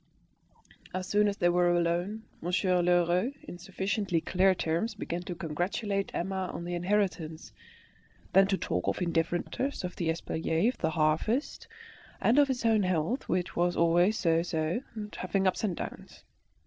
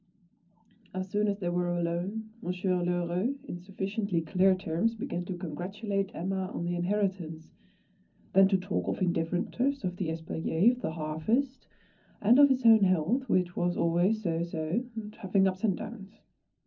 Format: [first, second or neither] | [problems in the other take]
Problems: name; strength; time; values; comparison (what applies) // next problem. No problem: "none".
first | room echo; dies away in 0.4 s